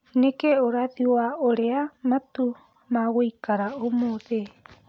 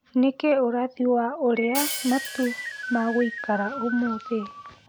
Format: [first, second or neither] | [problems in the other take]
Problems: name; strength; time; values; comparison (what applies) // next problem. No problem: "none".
first | background sound (Keyboard (musical) + Hi-hat); 8 dB below the speech